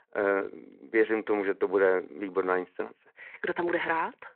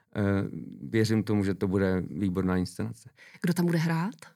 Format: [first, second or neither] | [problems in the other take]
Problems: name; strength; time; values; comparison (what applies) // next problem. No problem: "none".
second | phone-call audio